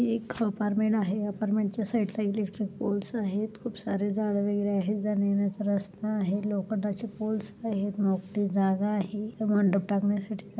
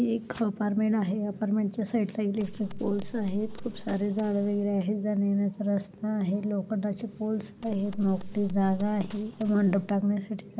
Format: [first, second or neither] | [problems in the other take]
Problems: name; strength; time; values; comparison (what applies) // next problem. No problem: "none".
first | background sound (Gunshot, gunfire); 12 dB below the speech